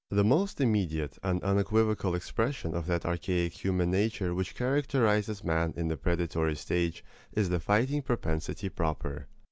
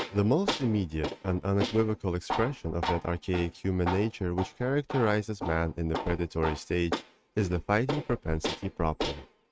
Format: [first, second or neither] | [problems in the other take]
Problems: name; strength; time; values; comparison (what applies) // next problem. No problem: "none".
first | noise reduction (neural mask model RNNoise)